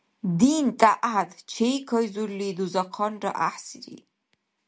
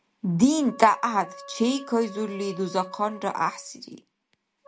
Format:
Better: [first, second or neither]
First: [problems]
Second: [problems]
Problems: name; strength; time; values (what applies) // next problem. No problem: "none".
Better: first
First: none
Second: background sound (Wind instrument, woodwind instrument); 20 dB below the speech